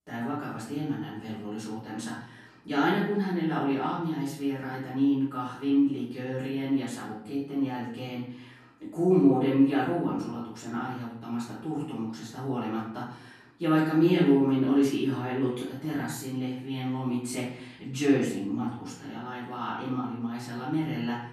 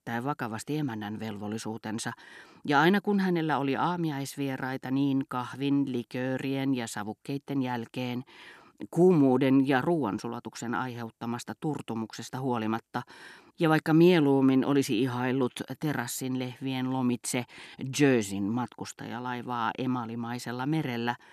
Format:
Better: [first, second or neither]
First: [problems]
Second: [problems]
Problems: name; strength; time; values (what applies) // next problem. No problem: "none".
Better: second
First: off-mic speech; far // room echo; noticeable; dies away in 0.6 s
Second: none